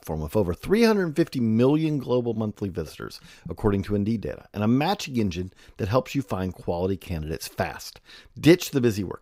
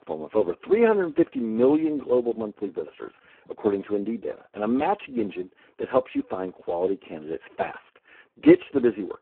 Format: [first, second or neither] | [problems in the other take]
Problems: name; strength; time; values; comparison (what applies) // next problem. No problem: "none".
first | phone-call audio; poor line